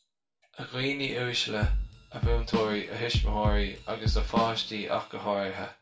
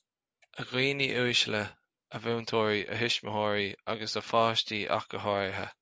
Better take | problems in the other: second | background sound (Drum kit); 2 dB above the speech // room echo; dies away in 0.3 s

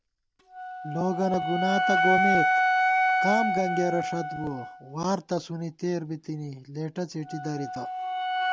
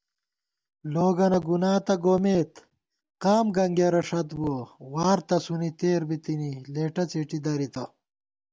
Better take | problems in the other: second | background sound (Wind instrument, woodwind instrument); 3 dB above the speech

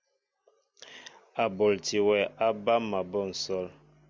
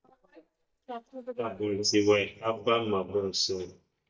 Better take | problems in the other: first | noise reduction (neural mask model DeepFilterNet 3)

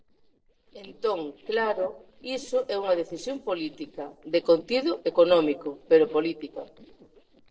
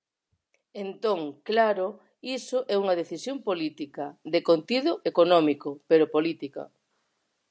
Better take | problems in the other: second | noise reduction (neural separator model SepFormer DNS4)

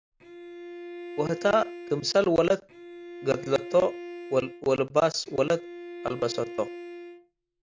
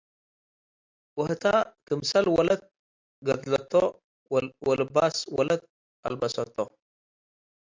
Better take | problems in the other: second | background sound (Bowed string instrument); 13 dB below the speech

